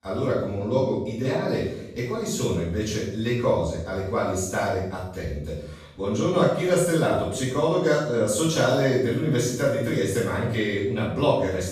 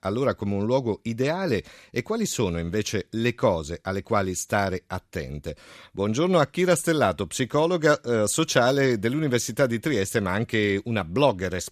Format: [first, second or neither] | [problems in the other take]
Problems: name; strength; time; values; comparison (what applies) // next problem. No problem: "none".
second | off-mic speech; far // room echo; strong; dies away in 0.7 s